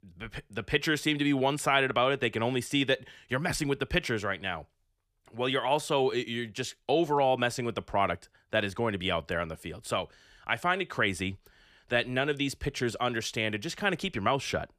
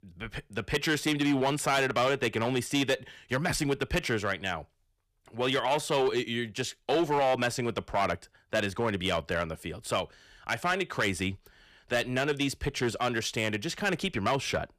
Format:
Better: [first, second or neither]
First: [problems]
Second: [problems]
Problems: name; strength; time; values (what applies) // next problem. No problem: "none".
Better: first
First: none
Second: distortion; slight; 6% of the sound clipped